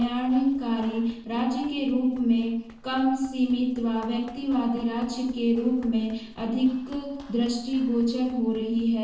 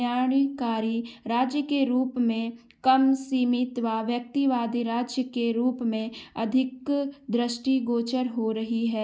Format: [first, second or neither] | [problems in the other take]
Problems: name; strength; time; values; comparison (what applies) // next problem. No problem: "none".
second | noise reduction (neural separator model SepFormer DNS4)